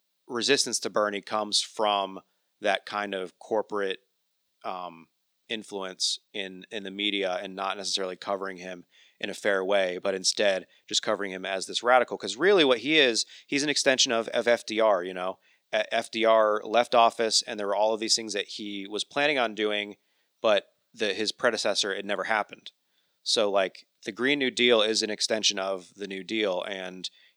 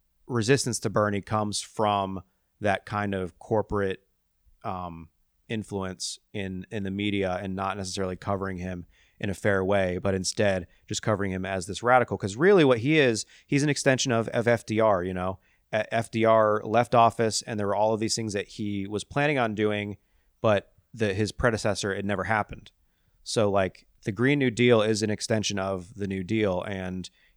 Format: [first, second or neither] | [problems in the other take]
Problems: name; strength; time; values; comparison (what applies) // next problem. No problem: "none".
second | thin; somewhat; fading below 250 Hz